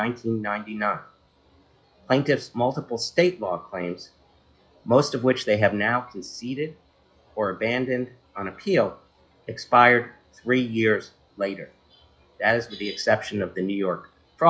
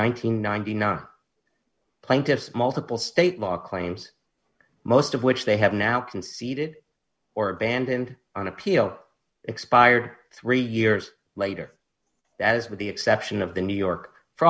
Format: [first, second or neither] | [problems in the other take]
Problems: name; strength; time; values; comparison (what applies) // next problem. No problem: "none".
second | noise reduction (classical method log-MMSE)